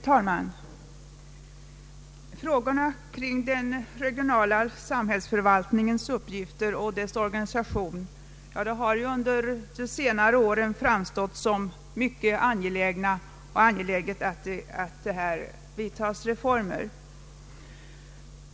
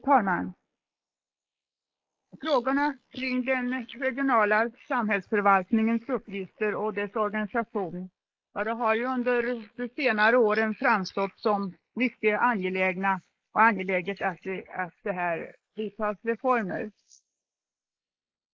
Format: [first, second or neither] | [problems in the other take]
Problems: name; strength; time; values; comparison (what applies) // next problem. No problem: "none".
first | noise reduction (neural mask model Resemble Enhance denoiser)